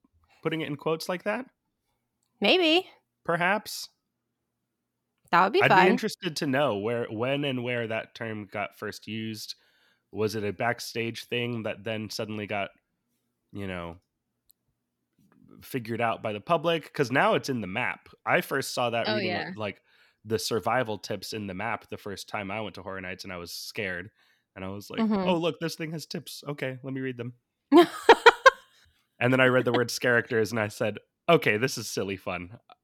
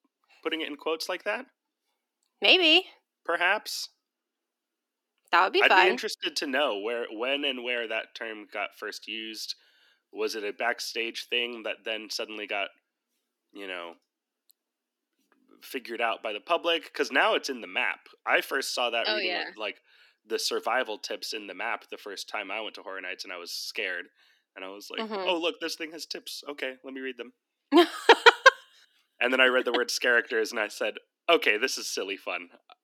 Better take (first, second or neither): first